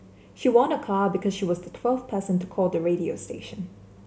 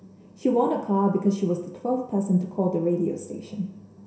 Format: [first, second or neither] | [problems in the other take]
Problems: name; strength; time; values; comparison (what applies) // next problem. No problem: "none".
first | room echo; dies away in 0.7 s